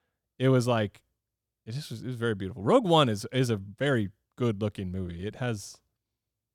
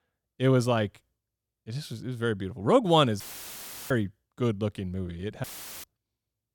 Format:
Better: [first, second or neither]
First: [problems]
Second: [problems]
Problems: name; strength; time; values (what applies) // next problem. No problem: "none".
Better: first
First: none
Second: audio cutting out; filled with static; at 3 s for 0.5 s and at 5.5 s